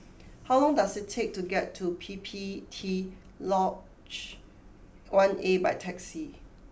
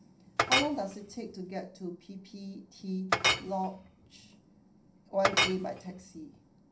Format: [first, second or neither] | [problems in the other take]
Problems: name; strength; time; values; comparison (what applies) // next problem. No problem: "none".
first | background sound (Chink, clink); 4 dB above the speech // room echo; dies away in 0.3 s